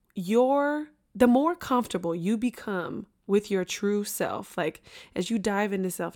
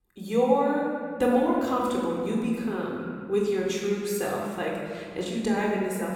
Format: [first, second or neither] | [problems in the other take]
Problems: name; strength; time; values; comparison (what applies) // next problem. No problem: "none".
first | off-mic speech; somewhat distant // room echo; noticeable; dies away in 2 s